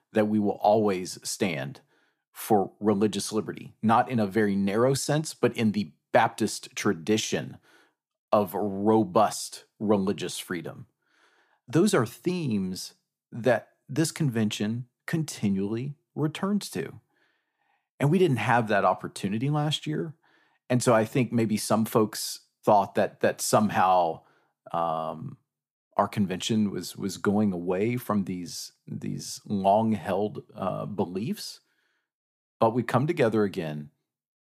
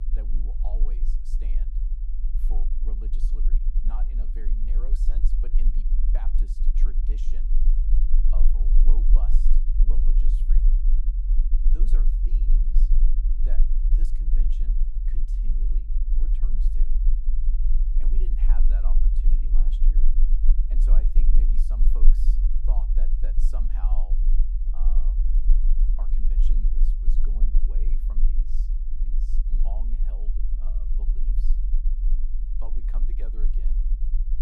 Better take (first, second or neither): first